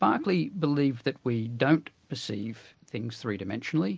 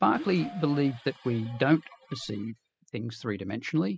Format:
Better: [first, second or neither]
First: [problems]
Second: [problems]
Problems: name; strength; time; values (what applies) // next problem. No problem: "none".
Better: first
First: none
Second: noise reduction (classical method spectral subtraction)